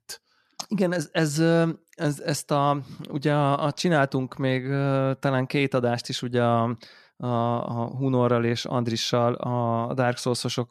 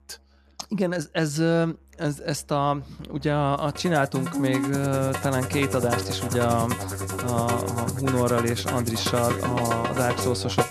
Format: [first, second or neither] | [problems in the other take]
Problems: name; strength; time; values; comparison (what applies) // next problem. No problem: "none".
first | background music; loud; throughout; 3 dB below the speech